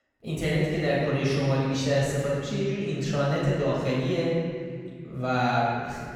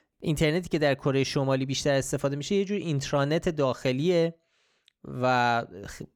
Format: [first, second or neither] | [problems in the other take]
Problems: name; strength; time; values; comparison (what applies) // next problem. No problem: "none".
second | room echo; strong; dies away in 2.2 s // off-mic speech; far